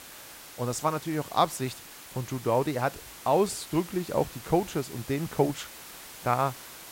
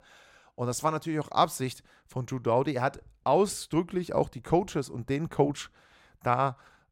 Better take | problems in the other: second | hiss; noticeable; throughout; 15 dB below the speech

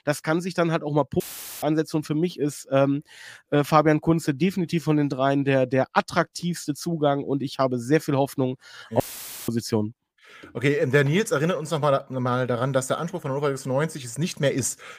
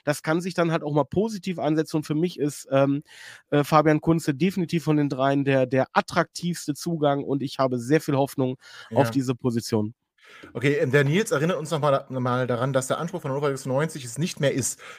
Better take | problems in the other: second | audio cutting out; filled with static; at 1 s and at 9 s

